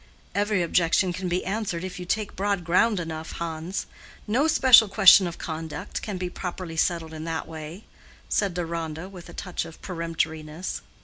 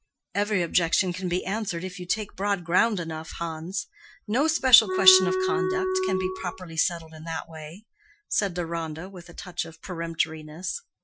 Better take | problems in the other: first | noise reduction (classical method Wiener filter)

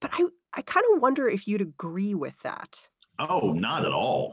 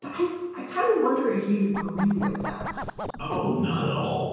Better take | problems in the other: first | background sound (Scratching (performance technique)); 8 dB below the speech // room echo; dies away in 1 s

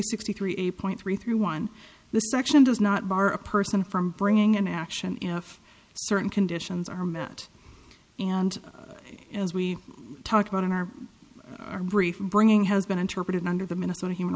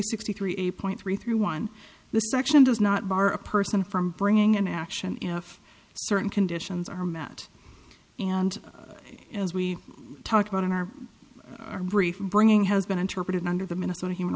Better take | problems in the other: second | background sound (Wind instrument, woodwind instrument); 19 dB below the speech

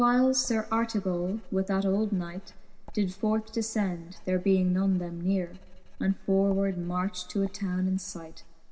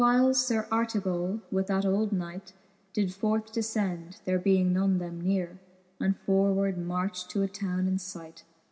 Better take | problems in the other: second | background sound (Writing); 16 dB below the speech

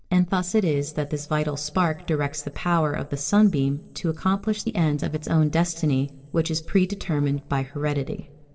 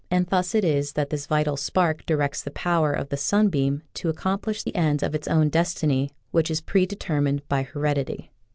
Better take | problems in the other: second | noise reduction (neural separator model SepFormer DNS4)

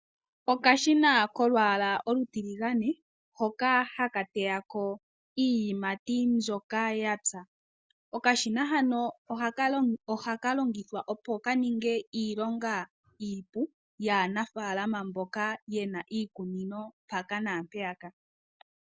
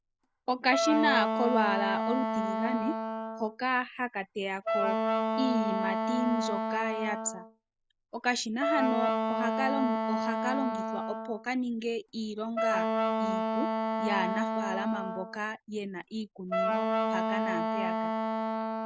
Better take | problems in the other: first | background sound (Wind instrument, woodwind instrument); 2 dB above the speech

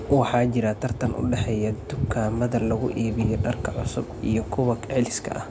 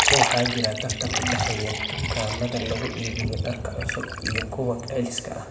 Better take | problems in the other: first | background sound (Liquid); 1 dB below the speech // room echo; dies away in 1.4 s

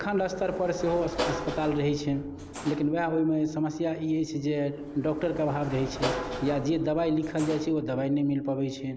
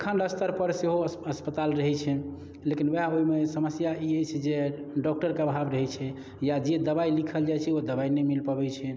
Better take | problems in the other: second | background sound (Sliding door / Slam); 11 dB below the speech

